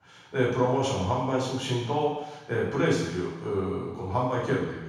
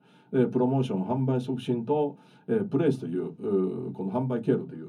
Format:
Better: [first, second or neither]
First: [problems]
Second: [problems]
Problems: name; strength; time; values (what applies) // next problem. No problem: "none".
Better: second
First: room echo; strong; dies away in 1.1 s // off-mic speech; far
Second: room echo; slight; dies away in 0.3 s // off-mic speech; far